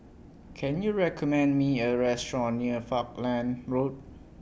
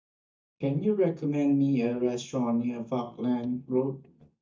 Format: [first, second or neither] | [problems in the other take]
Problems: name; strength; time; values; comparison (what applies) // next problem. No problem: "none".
first | noise reduction (neural mask model DeepFilterNet 3)